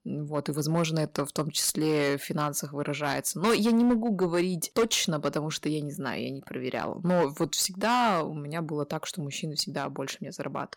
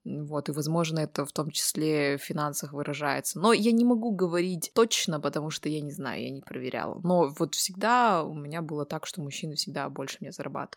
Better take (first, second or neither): second